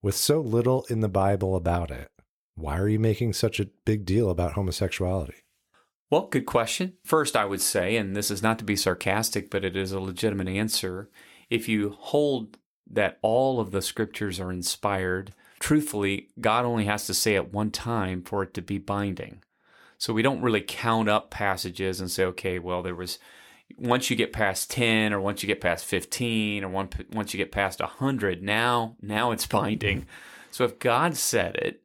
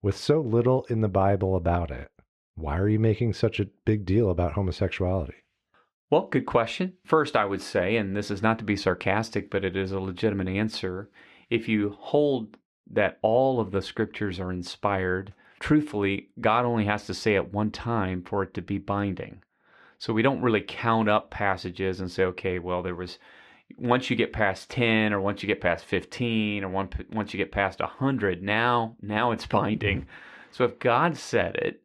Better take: first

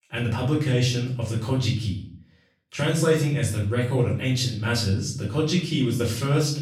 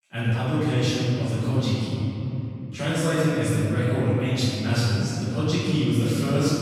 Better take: first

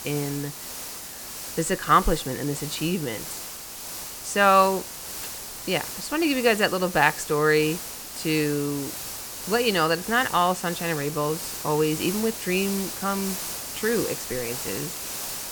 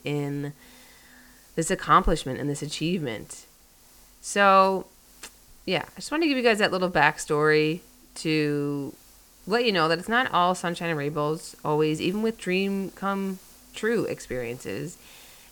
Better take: second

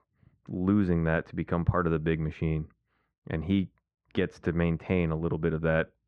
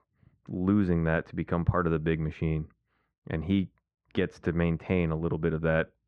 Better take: neither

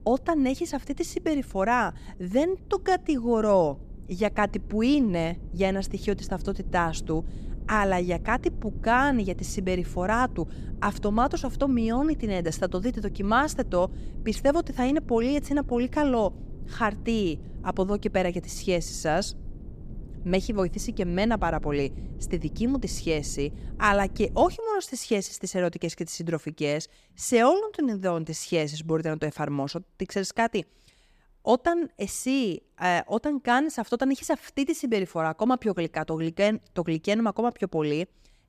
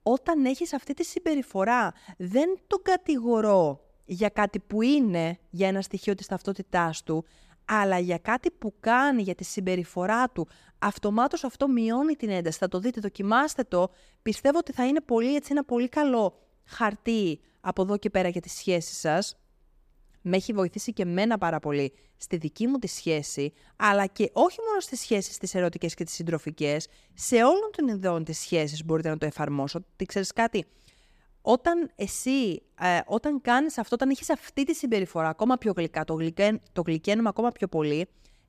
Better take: second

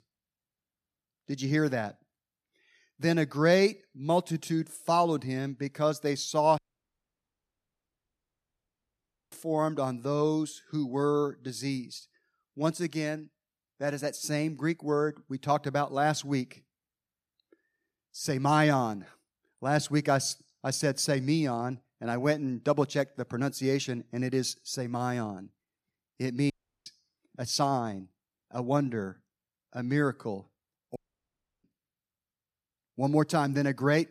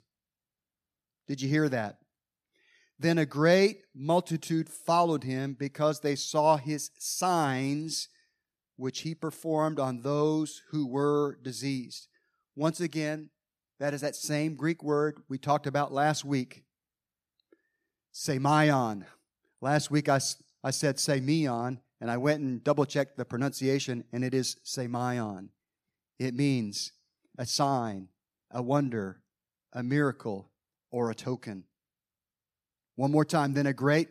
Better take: second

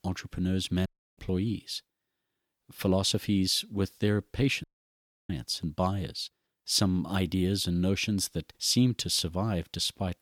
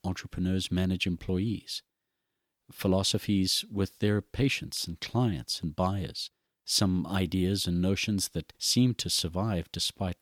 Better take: second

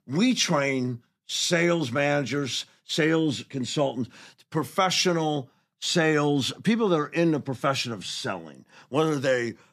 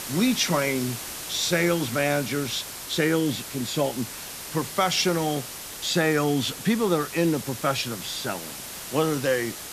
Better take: first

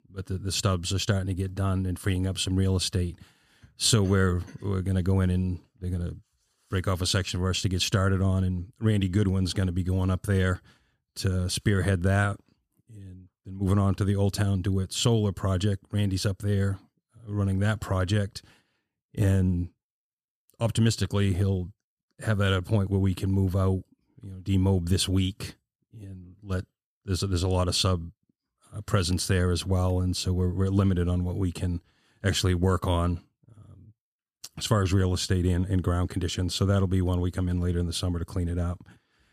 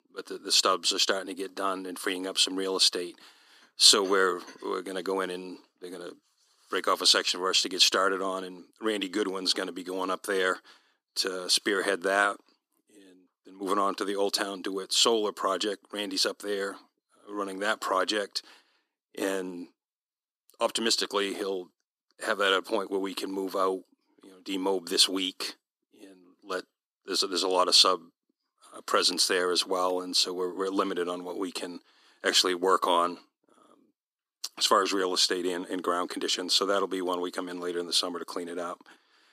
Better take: first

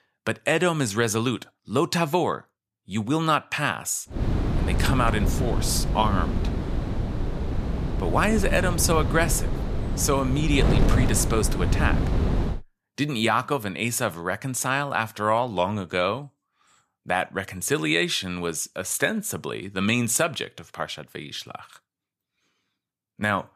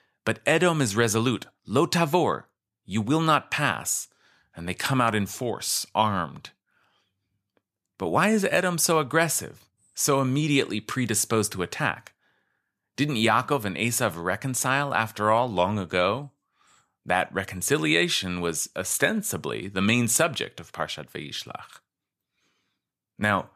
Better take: second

